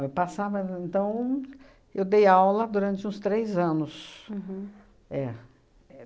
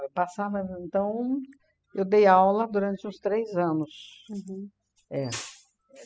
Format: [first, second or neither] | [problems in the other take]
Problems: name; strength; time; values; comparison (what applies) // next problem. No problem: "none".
first | noise reduction (classical method spectral subtraction)